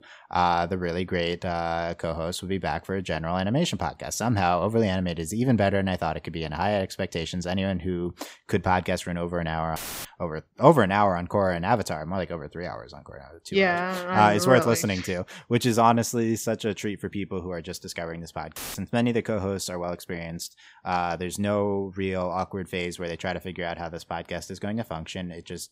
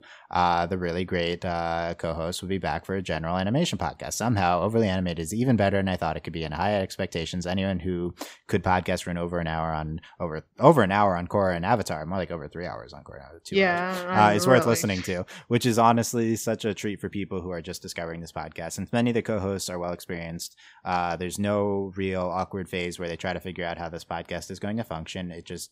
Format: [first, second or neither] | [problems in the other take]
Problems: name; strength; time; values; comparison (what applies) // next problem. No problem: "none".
second | audio cutting out; filled with static; at 10 s and at 19 s